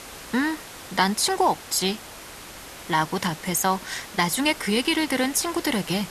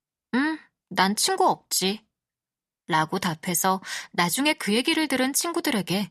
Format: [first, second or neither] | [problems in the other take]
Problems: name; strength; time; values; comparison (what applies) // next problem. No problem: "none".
second | hiss; noticeable; throughout; 15 dB below the speech